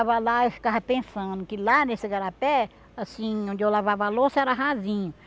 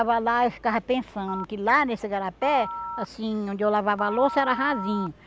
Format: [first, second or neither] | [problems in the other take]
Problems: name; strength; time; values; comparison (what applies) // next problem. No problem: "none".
first | background sound (Telephone); 11 dB below the speech